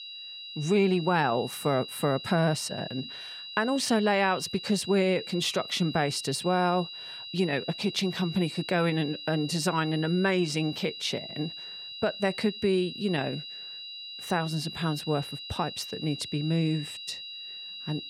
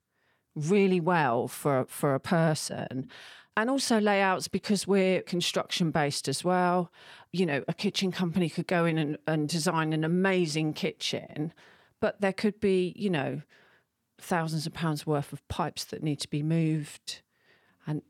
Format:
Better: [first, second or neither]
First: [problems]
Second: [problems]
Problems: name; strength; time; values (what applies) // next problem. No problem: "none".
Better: second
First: high-pitched whine; loud; throughout; 4 kHz, 10 dB below the speech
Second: none